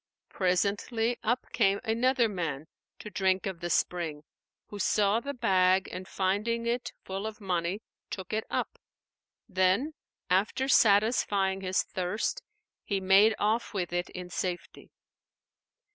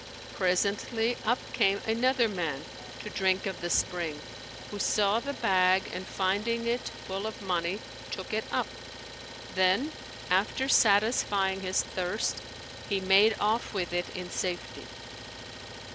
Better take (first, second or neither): first